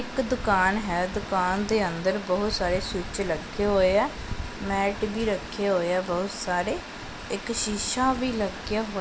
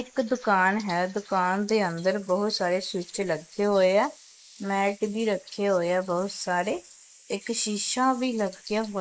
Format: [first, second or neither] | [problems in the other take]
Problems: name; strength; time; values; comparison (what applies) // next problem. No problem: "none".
first | noise reduction (neural mask model Resemble Enhance denoiser)